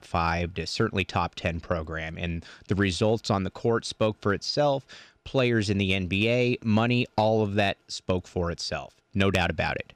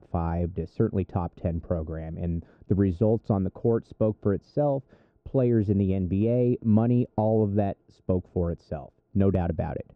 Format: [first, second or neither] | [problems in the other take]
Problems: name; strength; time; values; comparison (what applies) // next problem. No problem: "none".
first | muffled; very; fading above 1.5 kHz